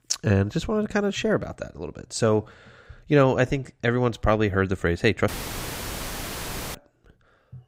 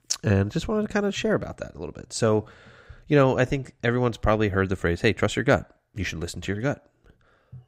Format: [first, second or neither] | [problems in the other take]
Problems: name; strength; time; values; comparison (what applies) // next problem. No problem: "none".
second | audio cutting out; filled with static; at 5.5 s for 1.5 s